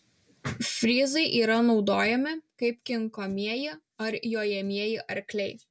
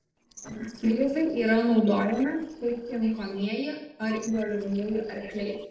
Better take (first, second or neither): first